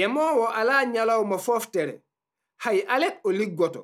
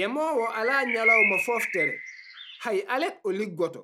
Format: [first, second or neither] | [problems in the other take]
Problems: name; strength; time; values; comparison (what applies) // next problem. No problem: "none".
first | background sound (Bird); as loud as the speech